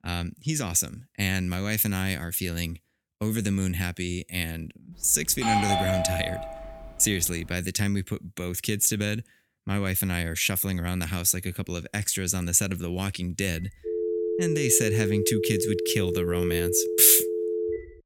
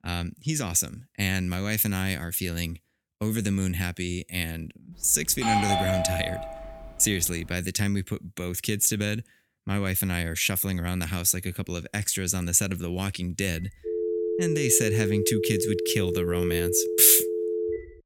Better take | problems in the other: neither | doorbell; loud; from 5 to 7.5 s; peak 1 dB above the speech; the same in both // phone ringing; noticeable; from 14 s on; peak 2 dB below the speech; the same in both

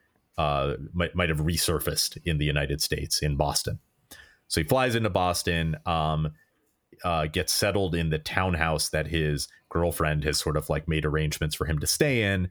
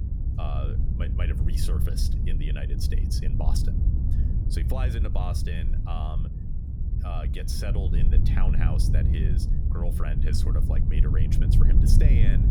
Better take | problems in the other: first | low rumble; loud; throughout; 2 dB below the speech

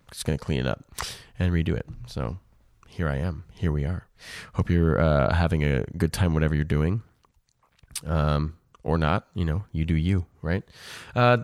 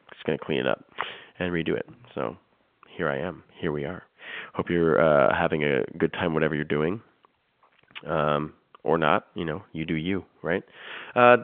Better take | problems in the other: first | phone-call audio; nothing above 3.5 kHz

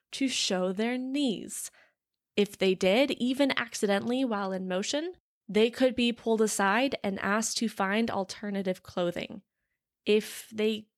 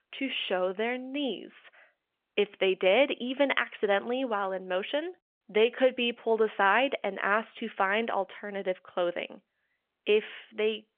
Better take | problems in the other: first | phone-call audio; nothing above 3.5 kHz

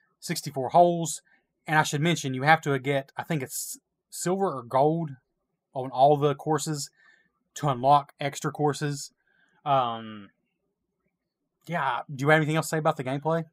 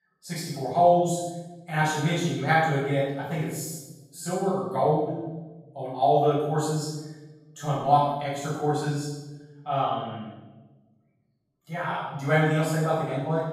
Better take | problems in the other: first | off-mic speech; far // room echo; strong; dies away in 1 s

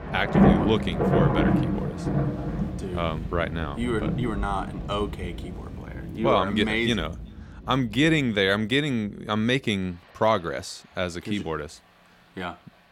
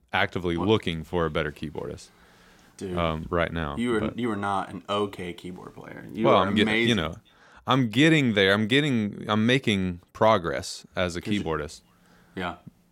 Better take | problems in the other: second | rain or running water; loud; throughout; 1 dB below the speech

